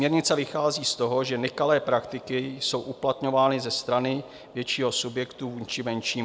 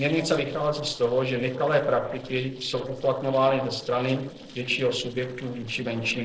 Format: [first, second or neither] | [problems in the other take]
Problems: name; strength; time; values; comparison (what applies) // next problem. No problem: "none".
first | noise reduction (neural separator model SepFormer DNS4)